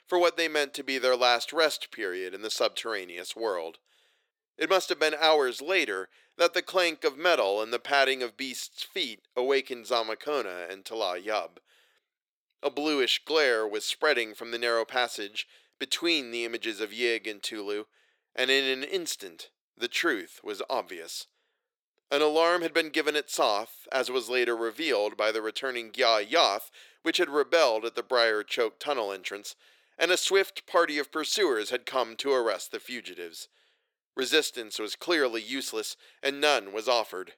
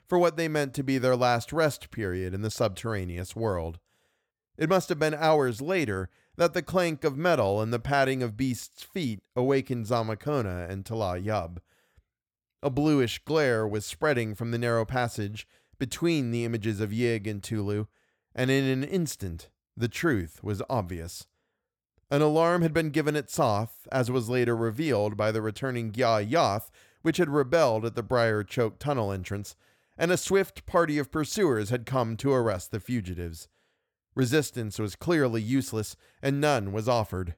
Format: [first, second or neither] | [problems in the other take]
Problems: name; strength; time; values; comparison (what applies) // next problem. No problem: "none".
second | thin; very; fading below 350 Hz